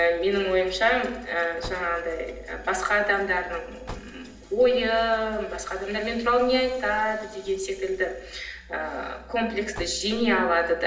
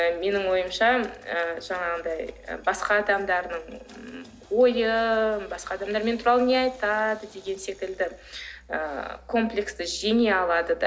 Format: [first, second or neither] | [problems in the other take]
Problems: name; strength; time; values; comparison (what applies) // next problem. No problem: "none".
second | background sound (Car); 19 dB below the speech // room echo; dies away in 0.8 s